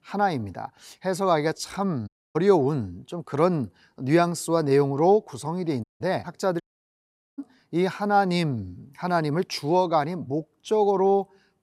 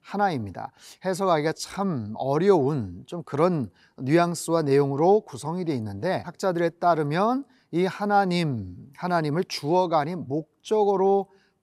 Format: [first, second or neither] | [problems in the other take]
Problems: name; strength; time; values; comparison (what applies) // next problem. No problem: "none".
second | audio cutting out; at 2 s, at 6 s and at 6.5 s for 1 s